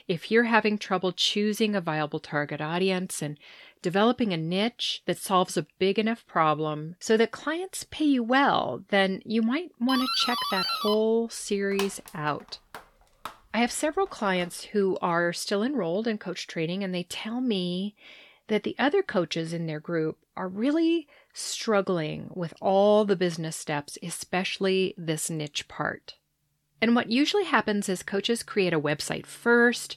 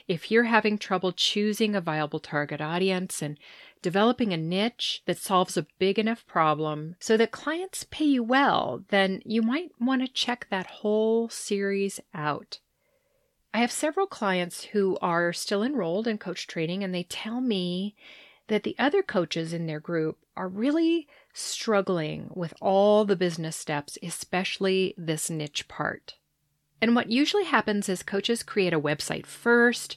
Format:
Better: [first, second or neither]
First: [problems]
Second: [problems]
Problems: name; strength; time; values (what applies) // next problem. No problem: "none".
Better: second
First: doorbell; noticeable; from 10 to 14 s; peak level with the speech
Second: none